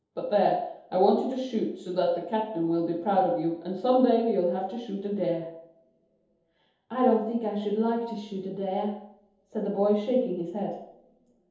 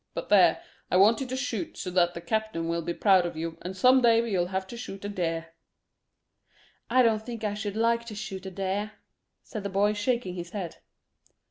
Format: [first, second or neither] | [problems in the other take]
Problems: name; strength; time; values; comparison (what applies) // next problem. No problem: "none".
second | room echo; dies away in 0.8 s